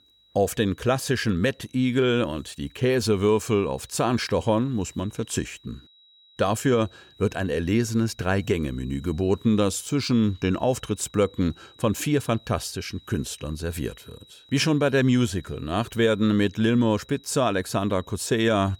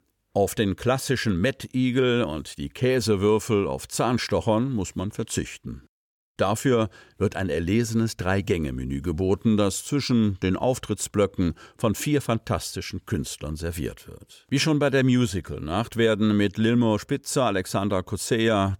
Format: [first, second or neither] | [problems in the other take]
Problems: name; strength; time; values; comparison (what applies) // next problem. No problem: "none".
second | high-pitched whine; faint; throughout; 4 kHz, 30 dB below the speech